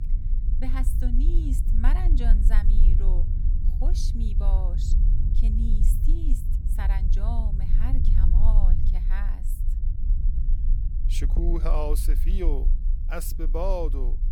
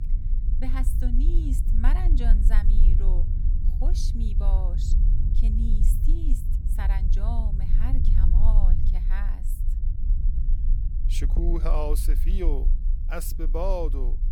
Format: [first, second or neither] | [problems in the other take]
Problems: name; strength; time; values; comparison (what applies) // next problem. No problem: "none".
neither | low rumble; loud; throughout; 8 dB below the speech; the same in both